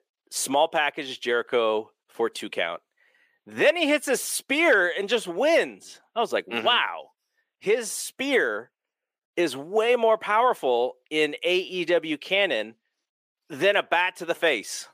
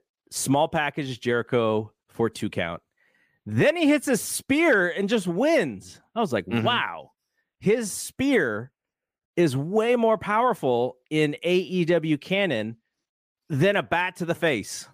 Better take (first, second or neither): second